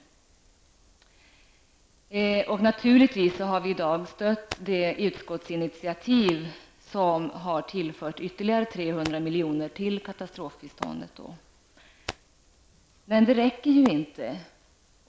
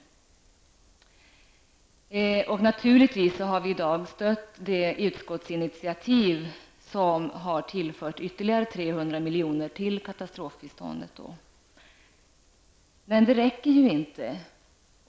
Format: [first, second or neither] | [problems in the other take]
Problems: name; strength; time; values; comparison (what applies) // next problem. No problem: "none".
second | background sound (Hands); 17 dB below the speech